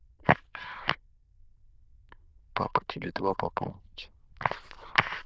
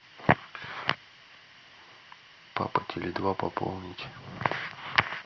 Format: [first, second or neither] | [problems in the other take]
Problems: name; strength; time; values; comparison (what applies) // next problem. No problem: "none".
second | noise reduction (neural diffusion model UNIVERSE++)